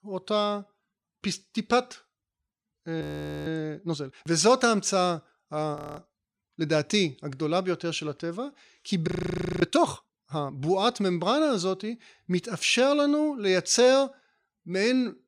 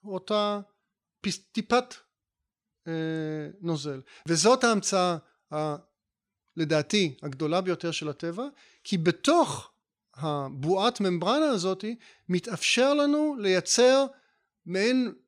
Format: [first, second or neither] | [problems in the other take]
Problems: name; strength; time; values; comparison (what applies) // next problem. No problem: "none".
second | audio freezing; at 3 s, at 6 s and at 9 s for 0.5 s